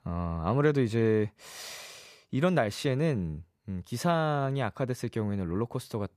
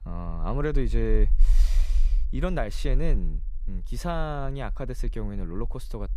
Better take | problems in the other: first | low rumble; faint; throughout; 20 dB below the speech

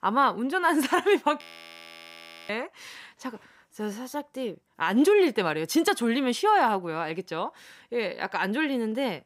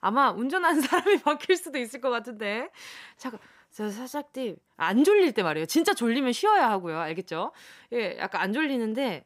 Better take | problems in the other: second | audio freezing; at 1.5 s for 1 s

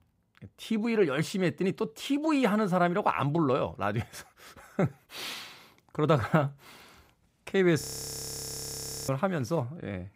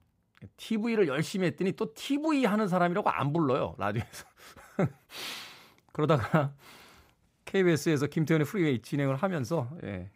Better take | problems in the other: second | audio freezing; at 8 s for 1.5 s

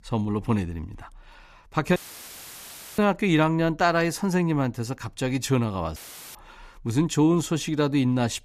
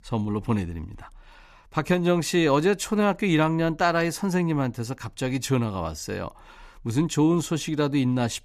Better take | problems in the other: second | audio cutting out; filled with static; at 2 s for 1 s and at 6 s

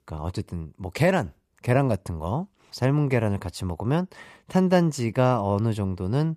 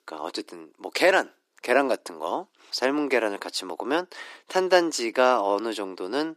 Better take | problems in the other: first | thin; very; fading below 300 Hz

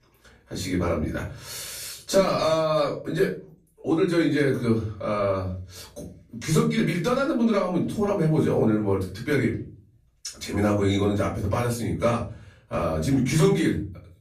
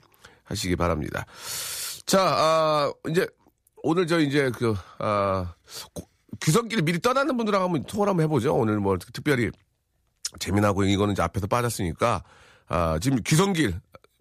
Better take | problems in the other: second | room echo; slight; dies away in 0.4 s // off-mic speech; far

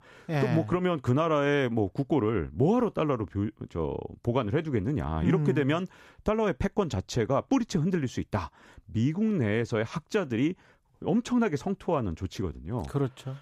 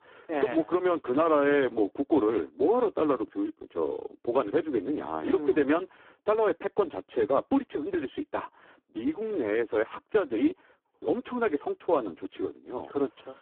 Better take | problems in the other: first | phone-call audio; poor line

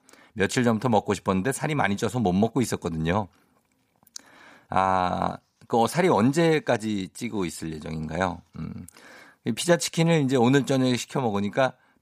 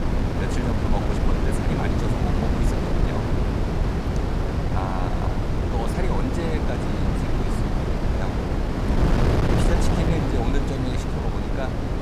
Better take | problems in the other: first | wind noise on the microphone; heavy; 4 dB above the speech

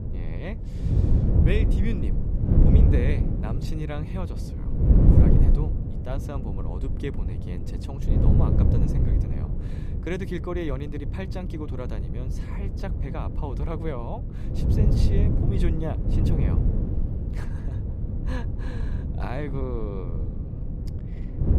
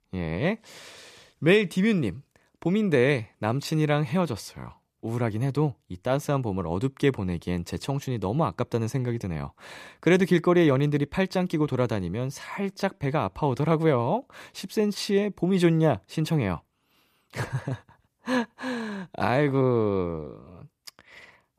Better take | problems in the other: second | wind noise on the microphone; heavy; as loud as the speech

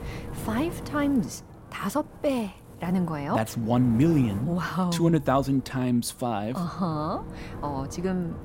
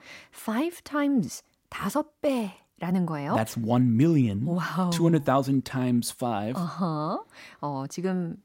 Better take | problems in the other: second | wind noise on the microphone; occasional gusts; 15 dB below the speech

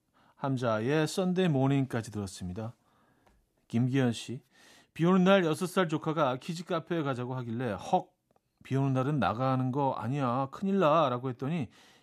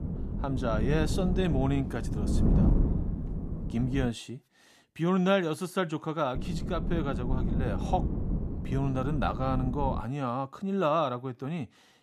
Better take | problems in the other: first | wind noise on the microphone; heavy; until 4 s and from 6.5 to 10 s; 9 dB below the speech

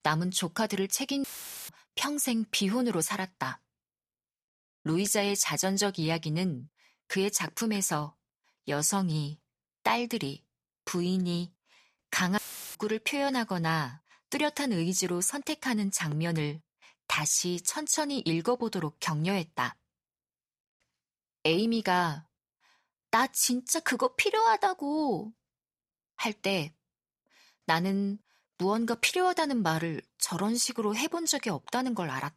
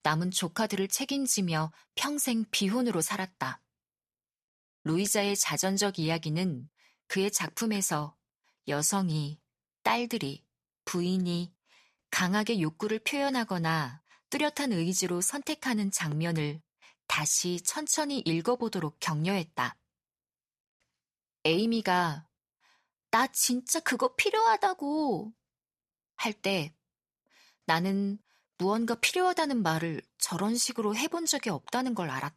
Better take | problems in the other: second | audio cutting out; filled with static; at 1 s and at 12 s

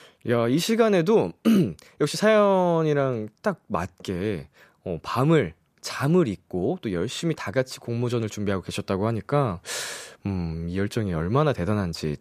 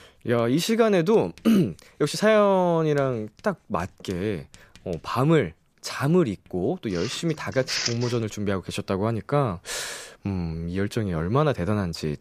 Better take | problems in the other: first | household noises; loud; throughout; 7 dB below the speech

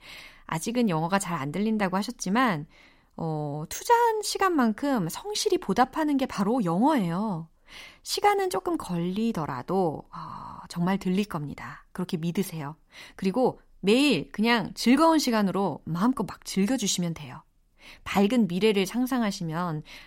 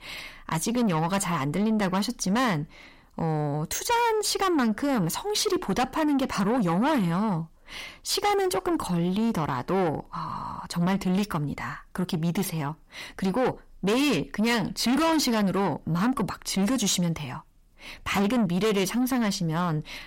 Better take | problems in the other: first | distortion; heavy; 7 dB below the speech

